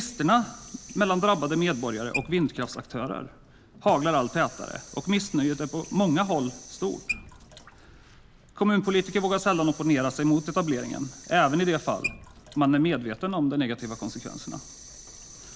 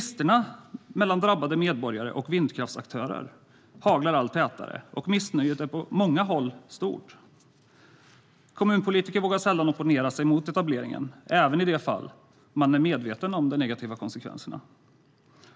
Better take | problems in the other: second | background sound (Sink (filling or washing) / Water tap, faucet); 16 dB below the speech

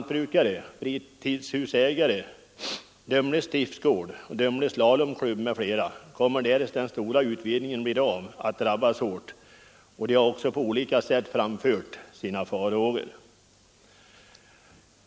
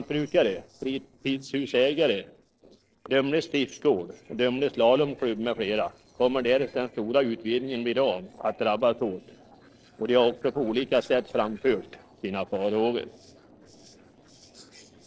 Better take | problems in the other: first | noise reduction (neural separator model SepFormer DNS4)

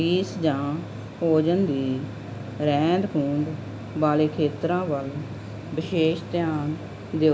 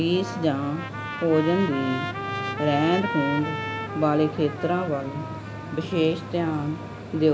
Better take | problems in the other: first | background sound (Trumpet); 9 dB below the speech

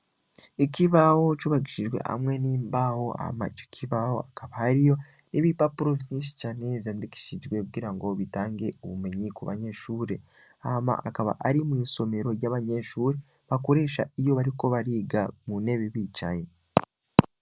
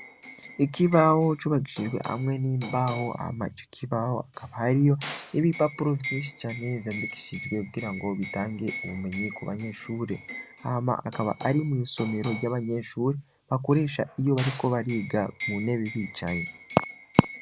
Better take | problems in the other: first | background sound (Liquid); 14 dB below the speech

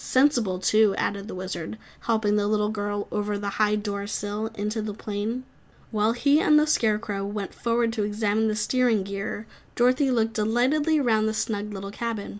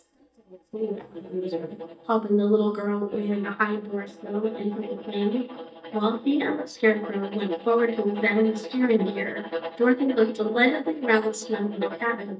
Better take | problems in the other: first | noise reduction (neural mask model DeepFilterNet 3)

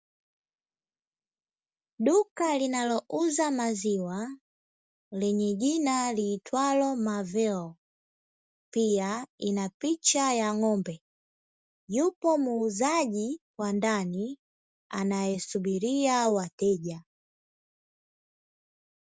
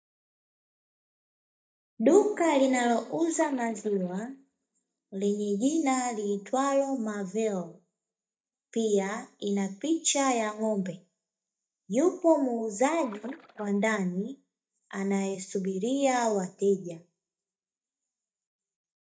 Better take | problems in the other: first | noise reduction (neural mask model DeepFilterNet 3)

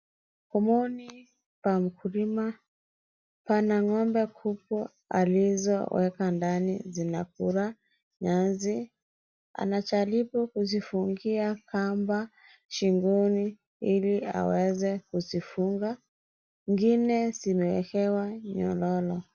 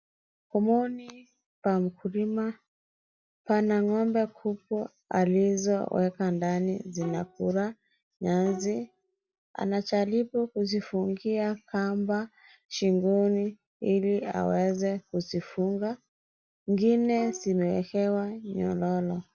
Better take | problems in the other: first | background sound (Bowed string instrument); 17 dB below the speech

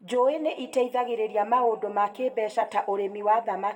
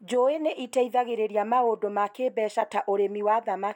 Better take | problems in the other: second | room echo; dies away in 1.2 s

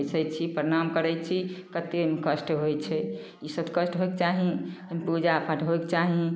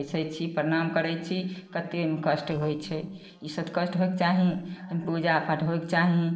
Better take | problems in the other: first | noise reduction (neural separator model SepFormer DNS4)

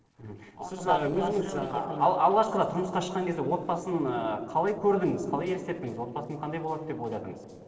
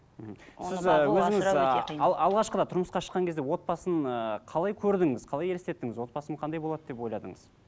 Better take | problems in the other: second | noise reduction (neural separator model SepFormer DNS4)

